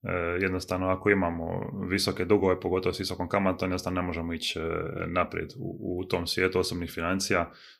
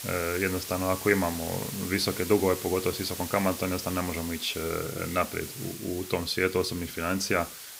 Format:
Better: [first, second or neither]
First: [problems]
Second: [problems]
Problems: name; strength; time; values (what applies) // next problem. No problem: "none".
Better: first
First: none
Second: hiss; loud; throughout; 8 dB below the speech